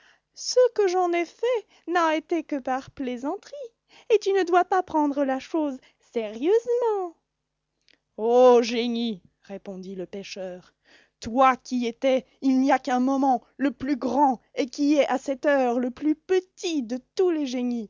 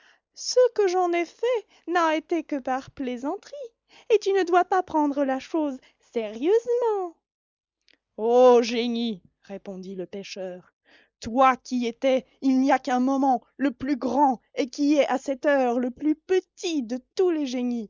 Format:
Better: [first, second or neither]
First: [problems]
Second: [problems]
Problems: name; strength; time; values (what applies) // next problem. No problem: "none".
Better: first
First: none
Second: noise reduction (neural mask model Resemble Enhance denoiser)